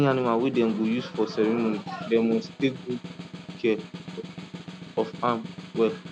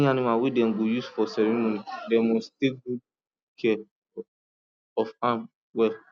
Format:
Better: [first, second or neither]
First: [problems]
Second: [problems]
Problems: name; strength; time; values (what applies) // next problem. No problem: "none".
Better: second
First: background sound (Snare drum); 13 dB below the speech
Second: none